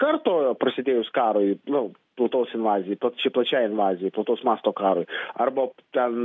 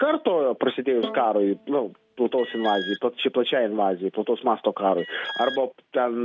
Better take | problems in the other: first | background sound (Bowed string instrument + Alarm); 13 dB below the speech

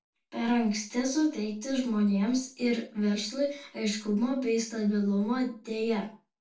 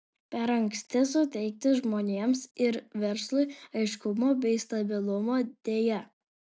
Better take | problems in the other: second | room echo; dies away in 0.3 s

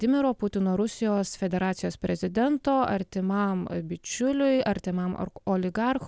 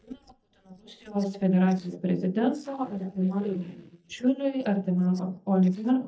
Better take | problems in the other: first | noise reduction (neural mask model DeepFilterNet 3)

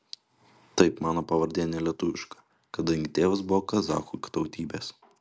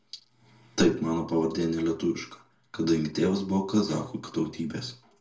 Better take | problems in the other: first | room echo; dies away in 0.3 s

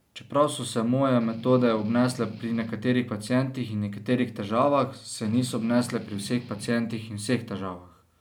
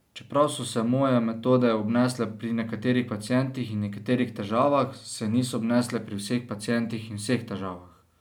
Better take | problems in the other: second | background sound (Strum); 18 dB below the speech

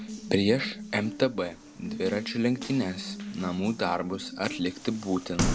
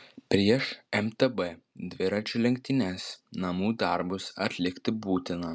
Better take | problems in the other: second | background sound (Water tap, faucet); 7 dB below the speech

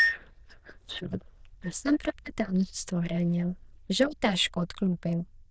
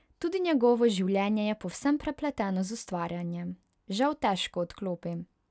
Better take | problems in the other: second | noise reduction (neural diffusion model UNIVERSE++)

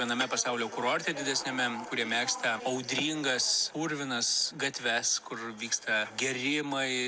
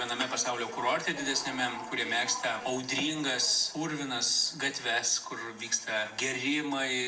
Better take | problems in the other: first | room echo; dies away in 0.5 s

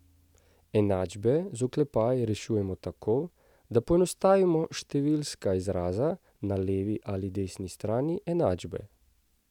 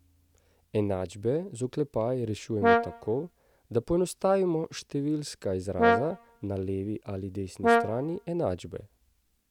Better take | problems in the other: first | background sound (Brass instrument); 1 dB above the speech

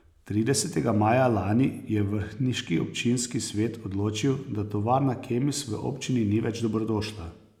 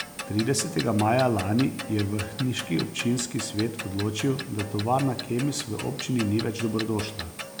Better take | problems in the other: first | background sound (Clock); 11 dB below the speech

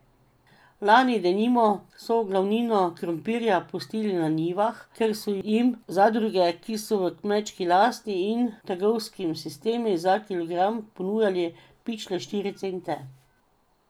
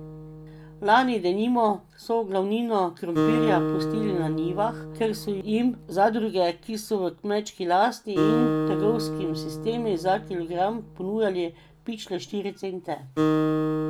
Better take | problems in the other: first | background sound (Acoustic guitar); 4 dB below the speech

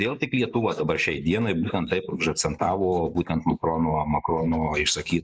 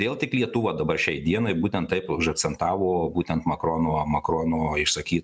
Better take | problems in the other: second | noise reduction (neural mask model Resemble Enhance denoiser)

